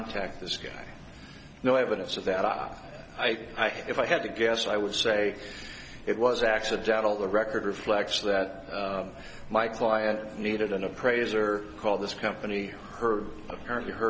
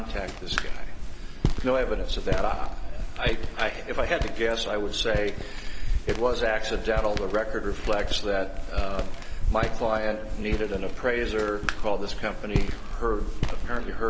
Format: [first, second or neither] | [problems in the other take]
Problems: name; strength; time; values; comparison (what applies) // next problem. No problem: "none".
first | background sound (Walk, footsteps); 2 dB above the speech